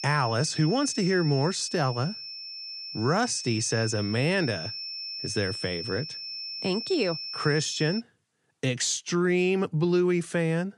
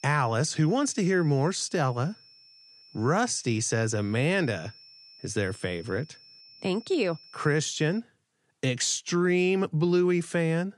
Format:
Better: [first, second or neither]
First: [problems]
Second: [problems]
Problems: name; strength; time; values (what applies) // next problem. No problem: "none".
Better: second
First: high-pitched whine; loud; until 8 s; 5.5 kHz, 7 dB below the speech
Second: high-pitched whine; faint; until 8 s; 5.5 kHz, 25 dB below the speech